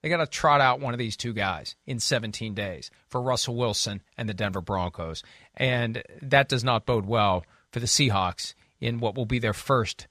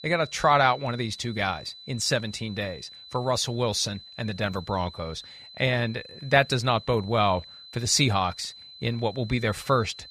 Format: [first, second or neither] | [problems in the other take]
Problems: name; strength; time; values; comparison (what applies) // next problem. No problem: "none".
first | high-pitched whine; noticeable; throughout; 4 kHz, 15 dB below the speech